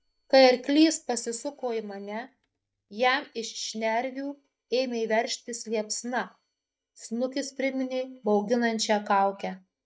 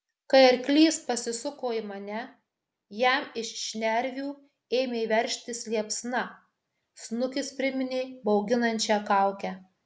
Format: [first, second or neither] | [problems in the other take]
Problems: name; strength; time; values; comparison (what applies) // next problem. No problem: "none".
second | noise reduction (neural mask model DeepFilterNet 3)